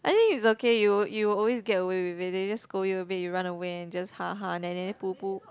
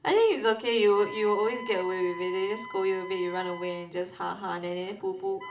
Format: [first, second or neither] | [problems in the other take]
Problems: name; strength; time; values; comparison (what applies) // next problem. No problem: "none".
first | background sound (Wind instrument, woodwind instrument); 16 dB below the speech // room echo; dies away in 0.4 s